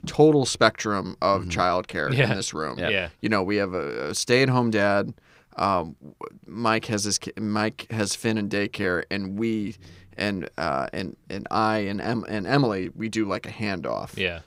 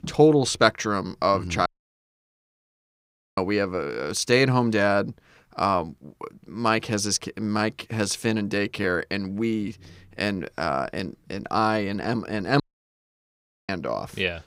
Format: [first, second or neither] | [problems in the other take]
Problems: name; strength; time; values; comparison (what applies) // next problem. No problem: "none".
first | audio cutting out; at 1.5 s for 1.5 s and at 13 s for 1 s